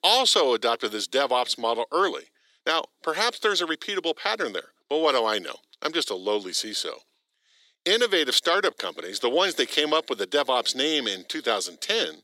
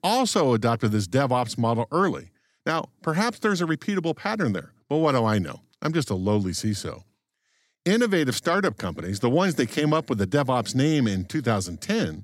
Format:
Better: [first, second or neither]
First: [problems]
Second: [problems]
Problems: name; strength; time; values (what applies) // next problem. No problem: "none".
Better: second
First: thin; very; fading below 400 Hz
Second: none